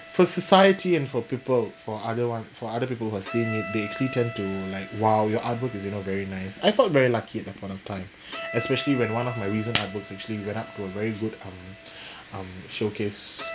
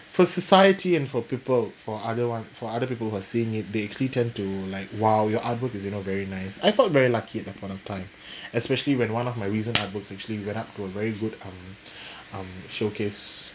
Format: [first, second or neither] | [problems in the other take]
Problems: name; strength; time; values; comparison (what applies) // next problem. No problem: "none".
second | background sound (Bowed string instrument); 15 dB below the speech